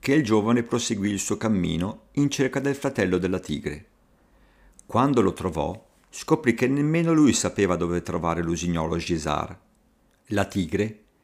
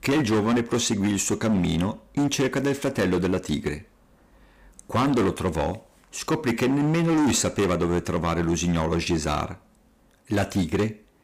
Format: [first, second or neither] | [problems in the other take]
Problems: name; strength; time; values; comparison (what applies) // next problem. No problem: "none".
first | distortion; heavy; 14% of the sound clipped